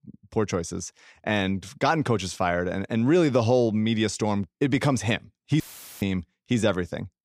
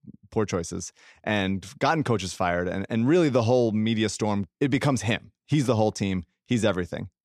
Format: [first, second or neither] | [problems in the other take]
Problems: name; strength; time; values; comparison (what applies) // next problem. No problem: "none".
second | audio cutting out; filled with static; at 5.5 s